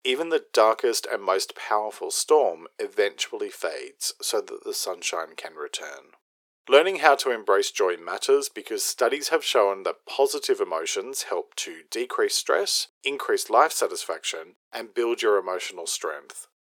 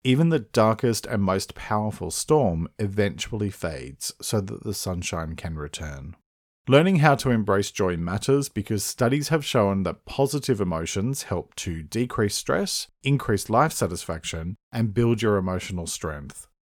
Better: second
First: thin; very; fading below 350 Hz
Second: none

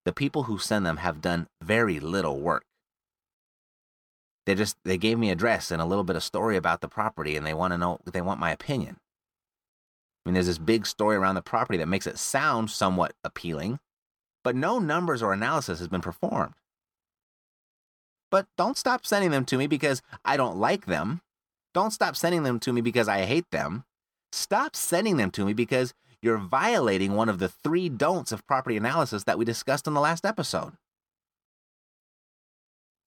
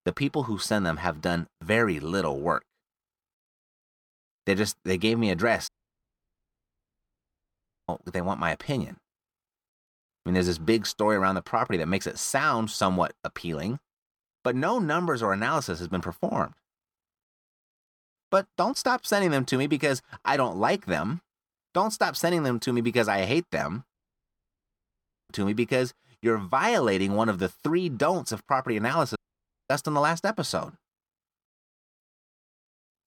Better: first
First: none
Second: audio cutting out; at 5.5 s for 2 s, at 24 s for 1.5 s and at 29 s for 0.5 s

